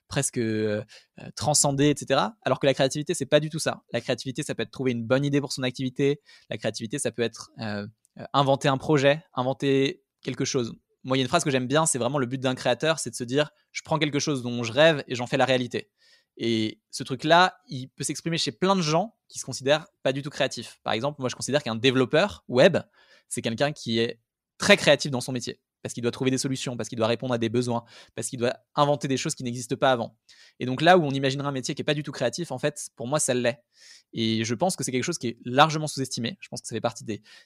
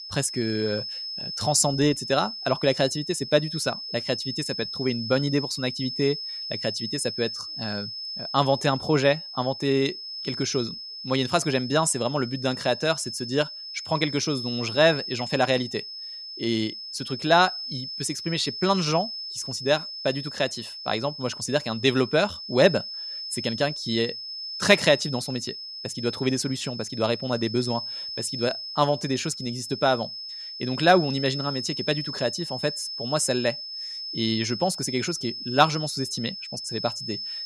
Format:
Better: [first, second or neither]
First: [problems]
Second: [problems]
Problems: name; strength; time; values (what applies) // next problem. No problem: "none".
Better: first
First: none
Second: high-pitched whine; loud; throughout; 5 kHz, 7 dB below the speech